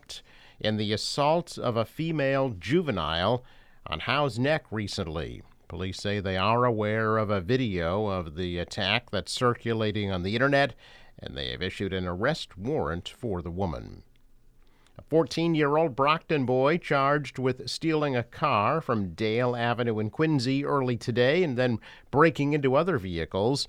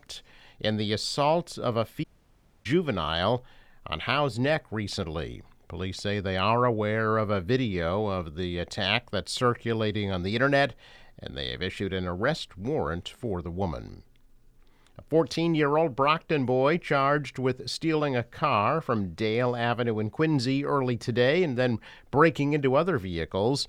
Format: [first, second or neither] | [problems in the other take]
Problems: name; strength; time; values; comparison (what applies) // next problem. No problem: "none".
first | audio cutting out; at 2 s for 0.5 s